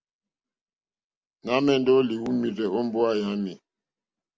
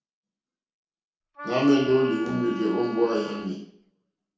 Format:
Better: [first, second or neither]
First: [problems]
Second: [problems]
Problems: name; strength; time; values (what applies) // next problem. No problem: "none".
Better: first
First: none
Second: background sound (Wind instrument, woodwind instrument); 13 dB below the speech // room echo; dies away in 0.6 s